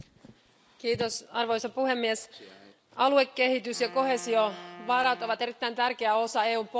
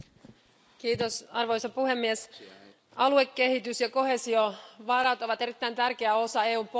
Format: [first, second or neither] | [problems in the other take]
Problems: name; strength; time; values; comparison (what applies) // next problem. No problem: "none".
second | background sound (Wind instrument, woodwind instrument); 19 dB below the speech